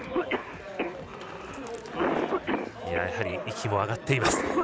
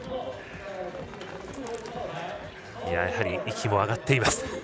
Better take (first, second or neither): second